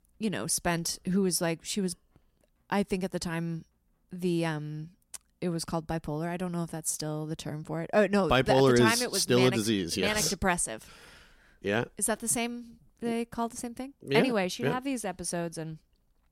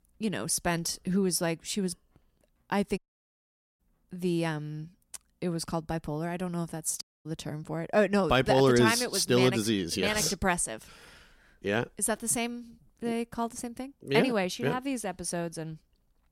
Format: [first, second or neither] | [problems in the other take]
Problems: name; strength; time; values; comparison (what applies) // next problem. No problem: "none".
first | audio cutting out; at 3 s for 1 s and at 7 s